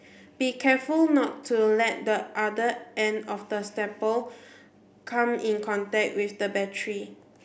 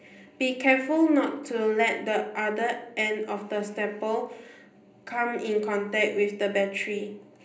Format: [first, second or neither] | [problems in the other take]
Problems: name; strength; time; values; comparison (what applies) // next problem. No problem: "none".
first | room echo; dies away in 0.5 s